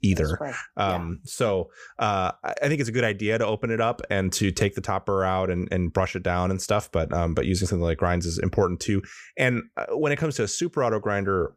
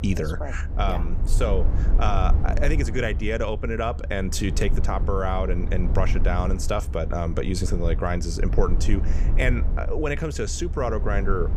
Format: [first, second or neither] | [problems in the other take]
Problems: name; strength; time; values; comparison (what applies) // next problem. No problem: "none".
first | low rumble; noticeable; throughout; 15 dB below the speech